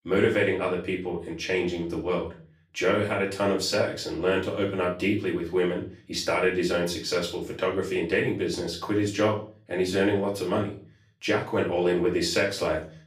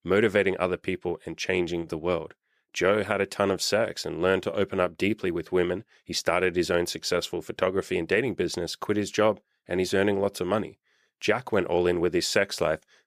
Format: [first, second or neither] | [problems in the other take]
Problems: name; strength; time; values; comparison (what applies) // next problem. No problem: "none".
second | room echo; slight; dies away in 0.4 s // off-mic speech; far